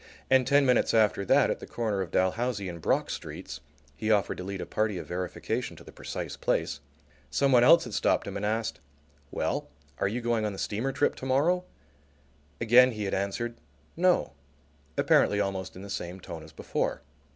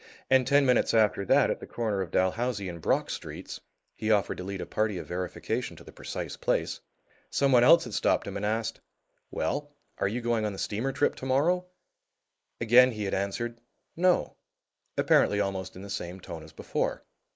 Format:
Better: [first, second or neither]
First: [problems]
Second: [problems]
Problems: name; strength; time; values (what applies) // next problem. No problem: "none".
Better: first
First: none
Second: noise reduction (neural mask model Resemble Enhance denoiser)